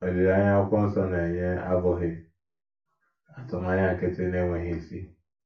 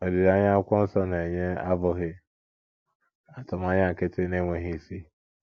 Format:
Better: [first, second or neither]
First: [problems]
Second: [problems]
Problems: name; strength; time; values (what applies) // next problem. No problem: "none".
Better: second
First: room echo; dies away in 0.3 s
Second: none